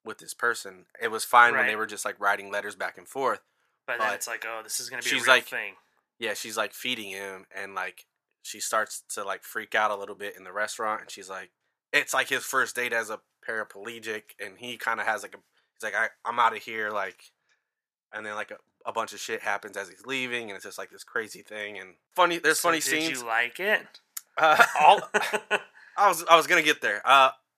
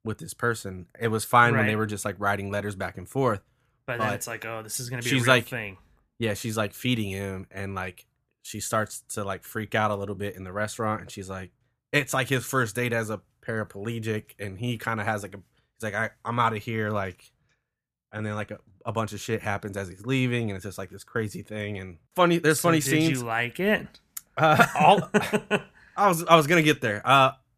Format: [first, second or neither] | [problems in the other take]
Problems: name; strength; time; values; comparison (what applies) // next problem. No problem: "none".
second | thin; very; fading below 450 Hz